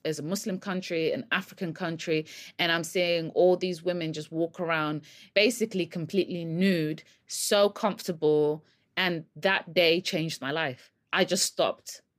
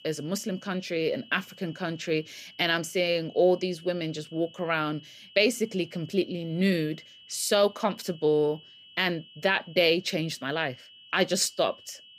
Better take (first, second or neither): first